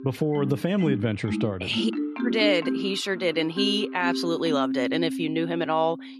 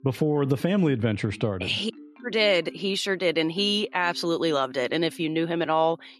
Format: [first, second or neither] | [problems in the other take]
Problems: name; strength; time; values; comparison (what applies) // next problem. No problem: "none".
second | background music; loud; throughout; 5 dB below the speech; faint in the second